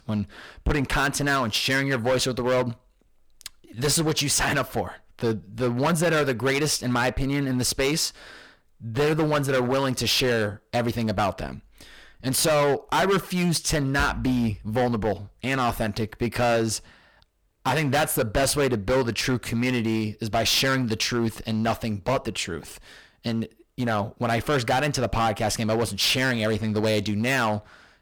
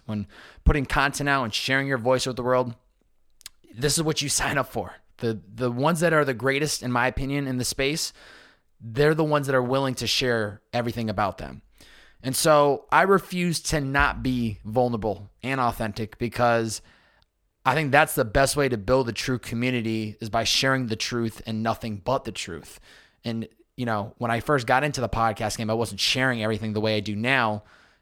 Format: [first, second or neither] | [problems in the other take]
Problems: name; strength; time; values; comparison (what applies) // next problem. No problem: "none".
second | distortion; heavy; 12% of the sound clipped